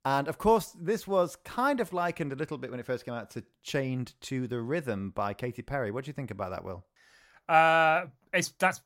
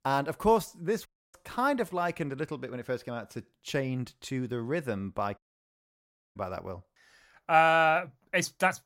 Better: first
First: none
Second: audio cutting out; at 1 s and at 5.5 s for 1 s

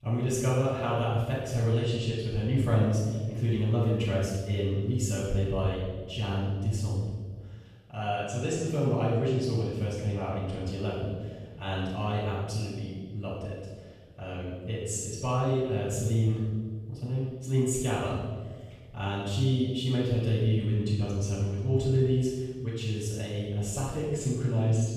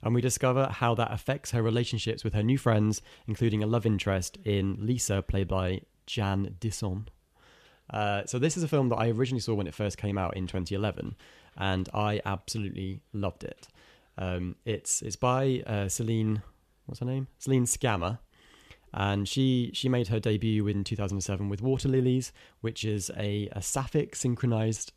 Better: second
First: off-mic speech; far // room echo; strong; dies away in 1.4 s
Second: none

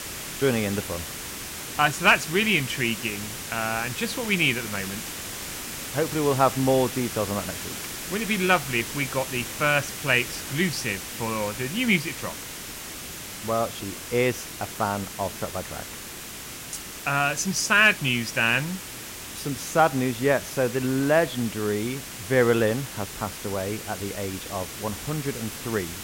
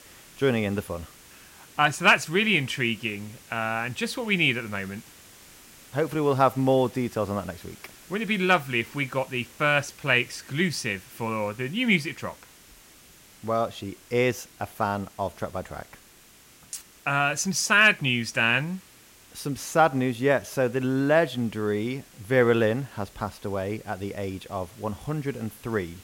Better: second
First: hiss; loud; throughout; 9 dB below the speech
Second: hiss; faint; throughout; 25 dB below the speech

